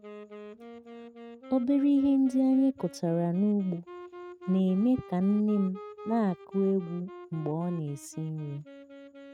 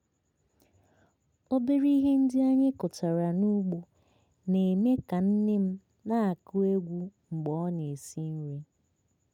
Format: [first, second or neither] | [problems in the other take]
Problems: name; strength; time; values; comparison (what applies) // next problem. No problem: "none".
second | noise reduction (neural mask model RNNoise)